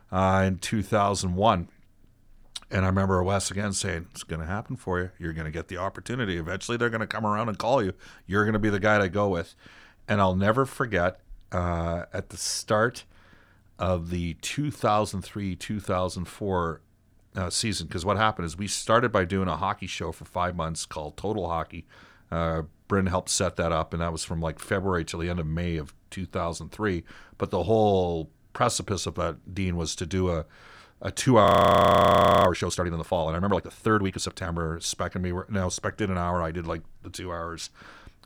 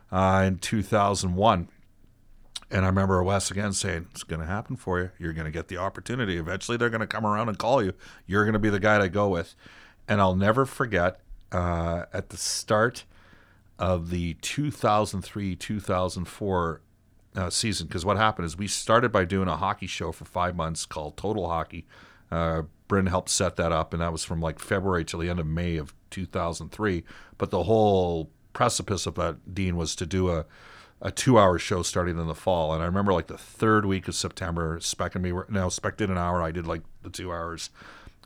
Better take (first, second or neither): second